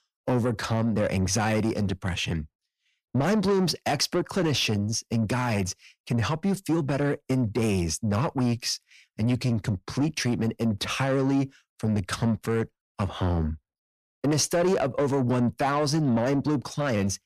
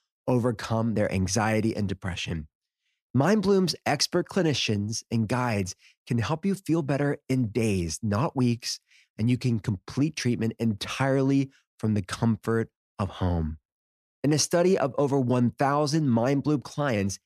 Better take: second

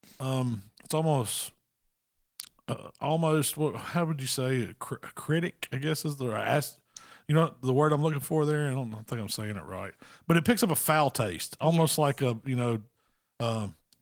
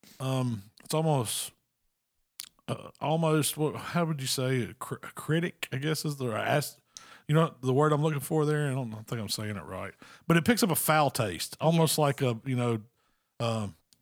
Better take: second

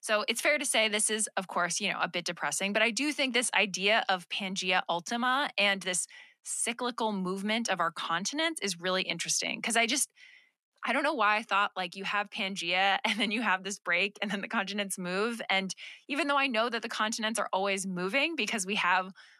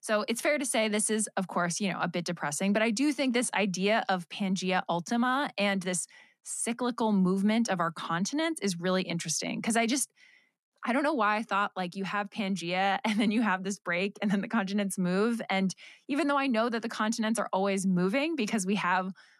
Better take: second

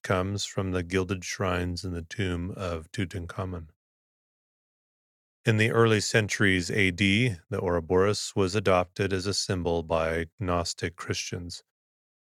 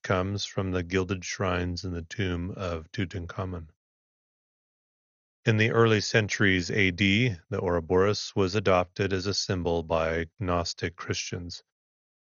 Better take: first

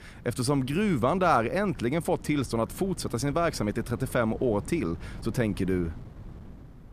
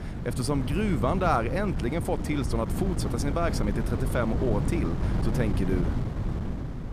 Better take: first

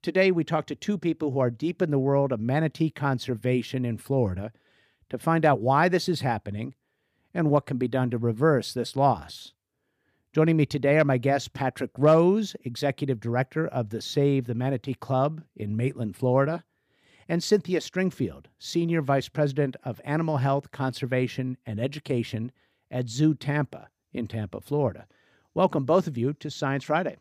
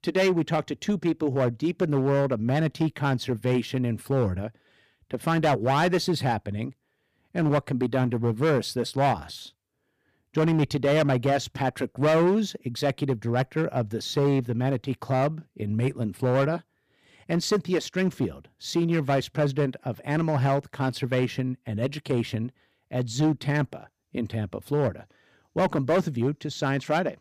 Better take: first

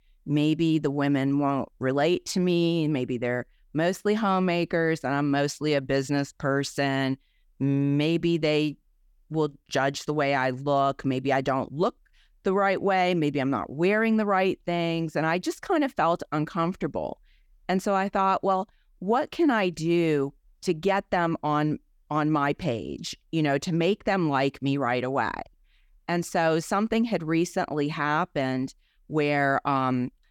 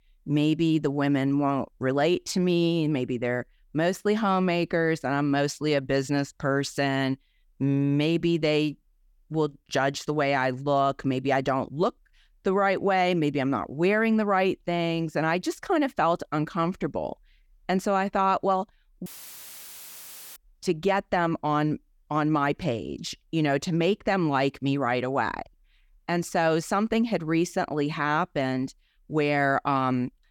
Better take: first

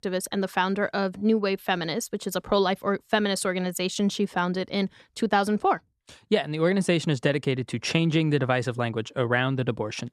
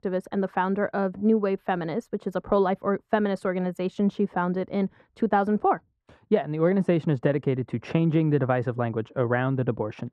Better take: first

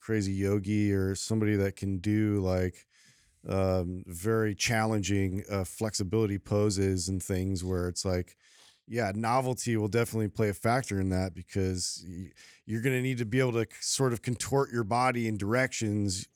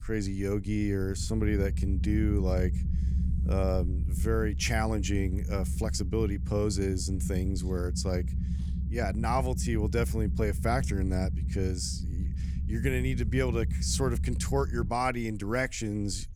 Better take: first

